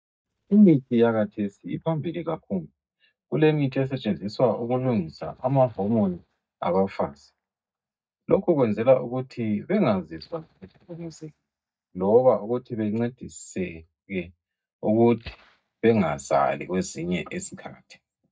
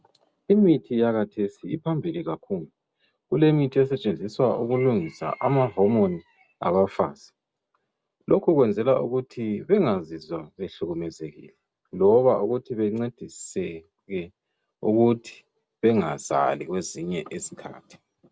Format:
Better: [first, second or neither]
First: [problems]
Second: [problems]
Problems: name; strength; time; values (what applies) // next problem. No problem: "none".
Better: second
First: noise reduction (neural mask model DeepFilterNet 3)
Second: none